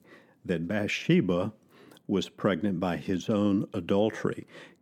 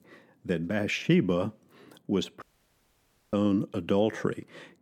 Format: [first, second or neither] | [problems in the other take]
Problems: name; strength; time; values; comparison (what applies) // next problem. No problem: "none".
first | audio cutting out; at 2.5 s for 1 s